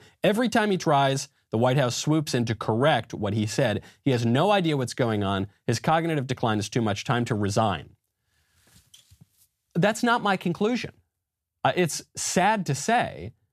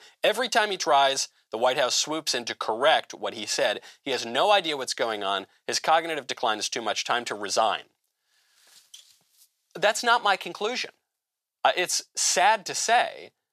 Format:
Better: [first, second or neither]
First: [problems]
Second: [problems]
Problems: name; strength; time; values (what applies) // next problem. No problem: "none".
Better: first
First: none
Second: thin; very; fading below 650 Hz